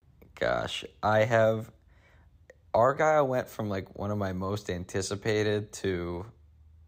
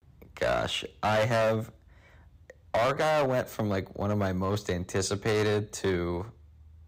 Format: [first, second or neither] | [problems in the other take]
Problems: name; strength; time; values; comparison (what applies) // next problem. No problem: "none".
first | distortion; heavy; 9% of the sound clipped